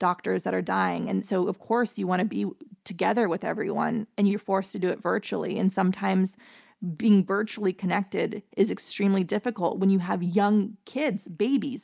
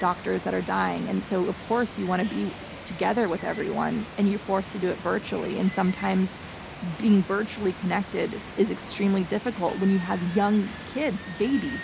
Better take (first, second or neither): first